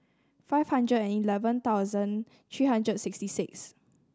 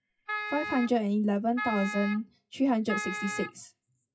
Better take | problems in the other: first | noise reduction (classical method WPE with log-MMSE)

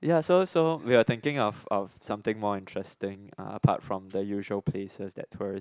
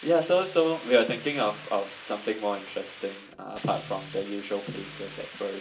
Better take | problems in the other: first | background sound (Hiss); 17 dB below the speech // room echo; dies away in 0.2 s

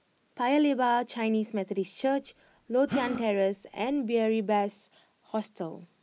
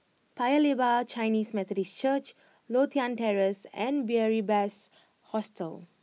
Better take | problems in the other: second | background sound (Gasp); 11 dB below the speech

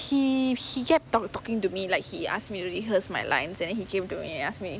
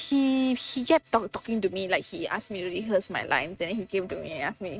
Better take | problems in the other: first | noise reduction (neural mask model RNNoise)

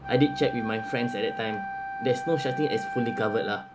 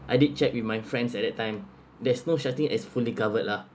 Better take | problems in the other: second | background sound (Wind instrument, woodwind instrument); 7 dB below the speech

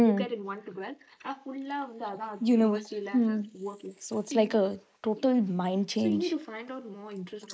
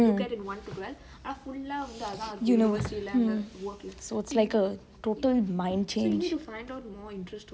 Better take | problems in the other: second | noise reduction (neural mask model Resemble Enhance denoiser)

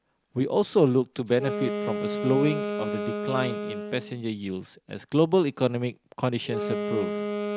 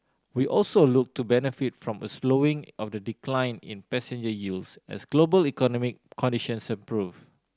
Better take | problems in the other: second | background sound (Wind instrument, woodwind instrument); 6 dB below the speech

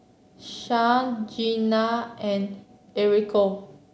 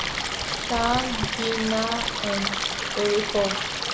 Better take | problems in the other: first | background sound (Stream); as loud as the speech

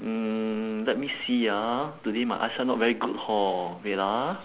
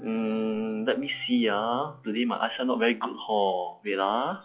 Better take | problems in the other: first | noise reduction (classical method log-MMSE)

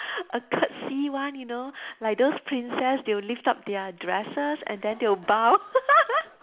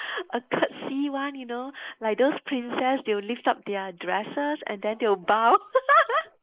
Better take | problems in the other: first | noise reduction (neural mask model Resemble Enhance denoiser)

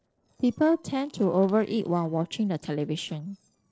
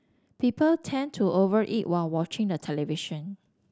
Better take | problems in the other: second | noise reduction (neural separator model SepFormer DNS4)

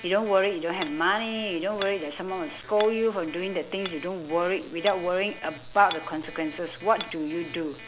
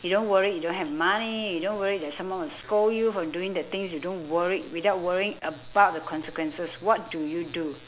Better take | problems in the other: second | background sound (Hammer + Alarm); 15 dB below the speech

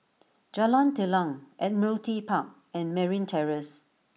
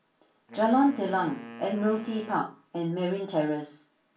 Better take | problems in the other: first | background sound (Wind instrument, woodwind instrument); 17 dB below the speech // room echo; dies away in 0.2 s

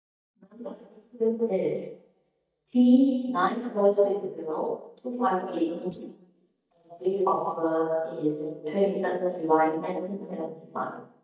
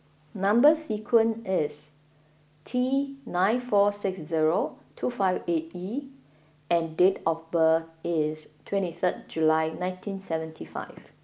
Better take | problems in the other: second | noise reduction (neural mask model DeepFilterNet 3)

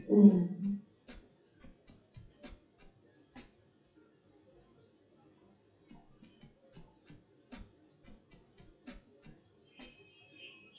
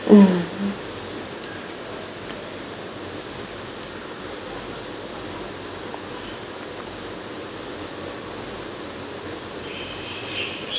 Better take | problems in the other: second | noise reduction (classical method WPE with log-MMSE)

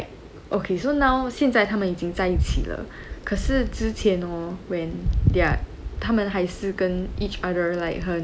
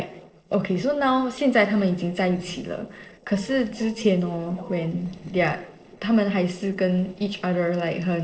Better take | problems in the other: first | noise reduction (neural separator model SepFormer DNS4)

